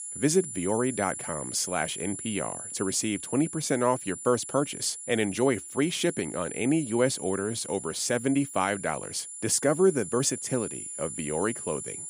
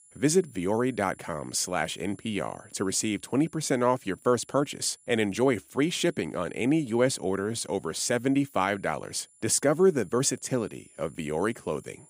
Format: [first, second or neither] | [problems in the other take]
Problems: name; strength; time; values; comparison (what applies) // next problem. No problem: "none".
second | high-pitched whine; loud; throughout; 10 kHz, 8 dB below the speech; faint in the second